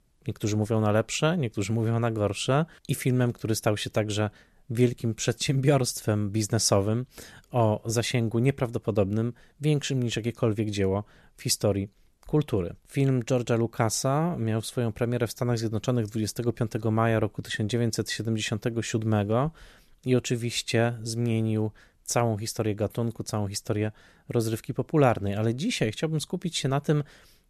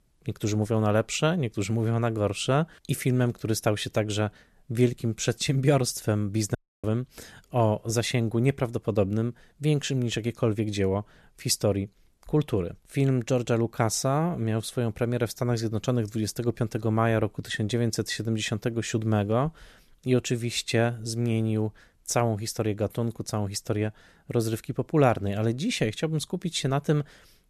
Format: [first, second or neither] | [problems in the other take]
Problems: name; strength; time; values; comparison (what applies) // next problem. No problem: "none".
first | audio cutting out; at 6.5 s